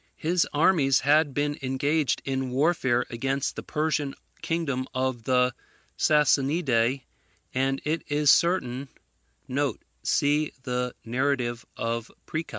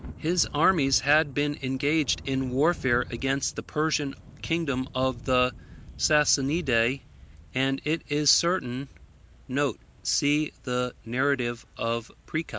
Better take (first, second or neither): first